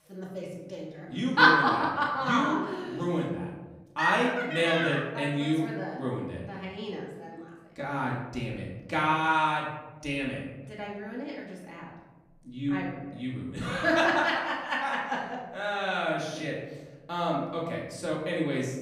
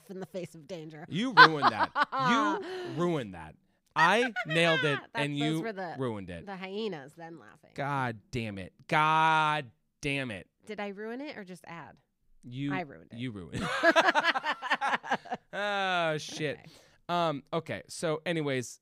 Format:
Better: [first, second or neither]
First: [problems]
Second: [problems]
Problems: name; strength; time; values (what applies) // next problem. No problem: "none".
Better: second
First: off-mic speech; far // room echo; noticeable; dies away in 1 s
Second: none